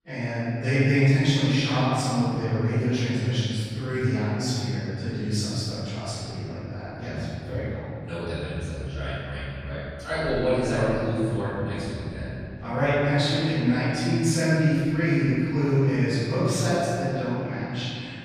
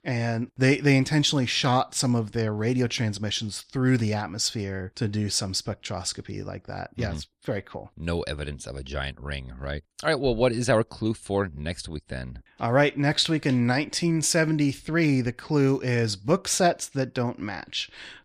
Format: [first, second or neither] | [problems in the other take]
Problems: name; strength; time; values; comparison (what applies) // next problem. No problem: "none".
second | off-mic speech; far // room echo; strong; dies away in 3 s